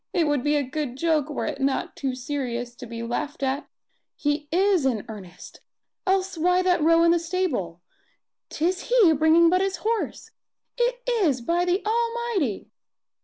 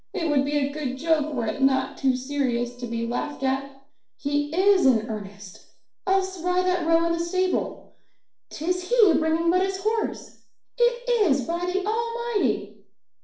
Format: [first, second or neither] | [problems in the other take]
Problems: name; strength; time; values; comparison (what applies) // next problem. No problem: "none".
first | noise reduction (neural separator model SepFormer DNS4)